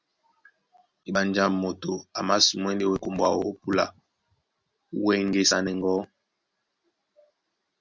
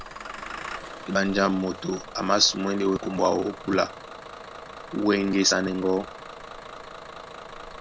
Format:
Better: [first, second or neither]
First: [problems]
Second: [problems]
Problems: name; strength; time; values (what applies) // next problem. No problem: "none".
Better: first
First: none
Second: background sound (Engine starting / Bus); 13 dB below the speech